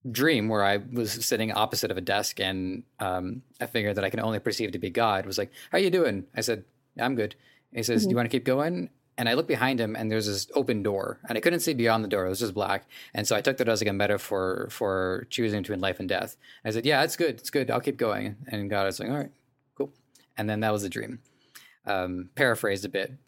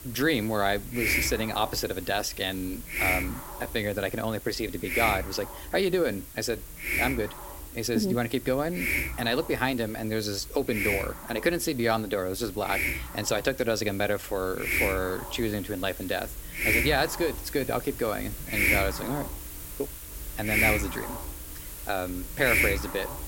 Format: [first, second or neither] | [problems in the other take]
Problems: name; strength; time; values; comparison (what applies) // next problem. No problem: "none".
first | hiss; loud; throughout; 1 dB below the speech